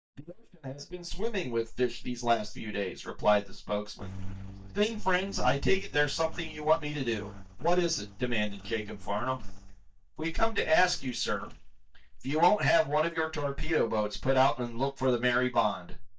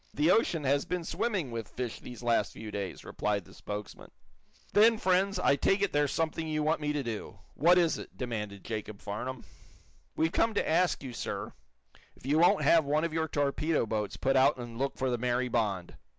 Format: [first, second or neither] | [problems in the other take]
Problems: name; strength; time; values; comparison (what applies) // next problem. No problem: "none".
second | noise reduction (neural mask model DeepFilterNet 3)